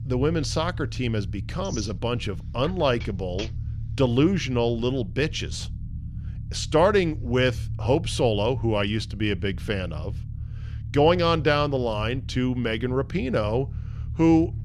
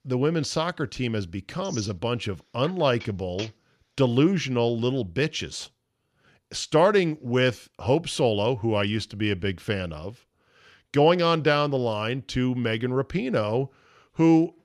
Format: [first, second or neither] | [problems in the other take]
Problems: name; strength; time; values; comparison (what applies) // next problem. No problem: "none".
second | low rumble; faint; throughout; 25 dB below the speech